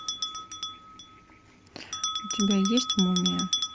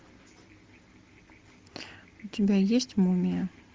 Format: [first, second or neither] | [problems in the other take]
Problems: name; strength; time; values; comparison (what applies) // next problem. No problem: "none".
second | background sound (Bell); 3 dB below the speech